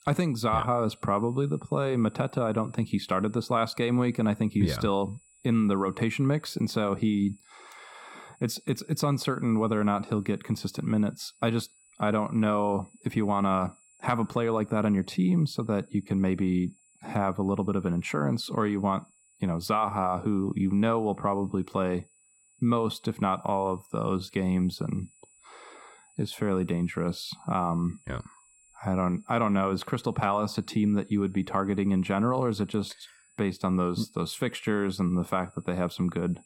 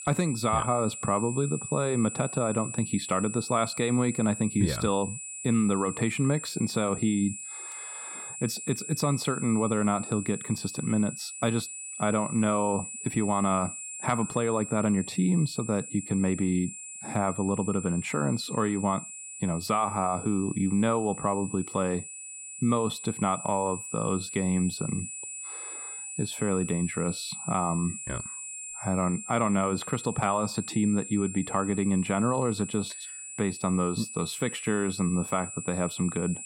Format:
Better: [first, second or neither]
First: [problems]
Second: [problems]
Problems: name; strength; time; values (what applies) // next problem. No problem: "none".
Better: first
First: high-pitched whine; faint; throughout; 7.5 kHz, 30 dB below the speech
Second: high-pitched whine; loud; throughout; 7.5 kHz, 8 dB below the speech